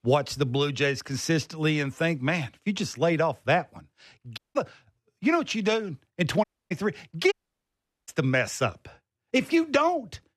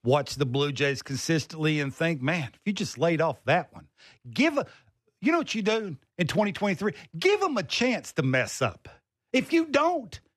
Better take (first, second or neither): second